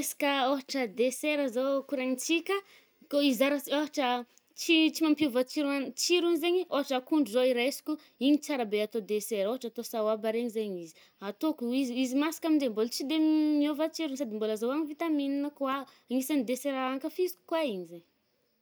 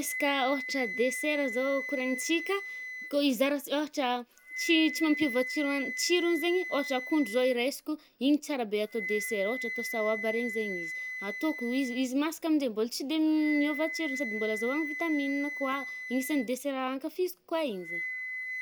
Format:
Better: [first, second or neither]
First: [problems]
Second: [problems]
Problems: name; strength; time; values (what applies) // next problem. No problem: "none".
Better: first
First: none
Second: background sound (Wind instrument, woodwind instrument); 8 dB below the speech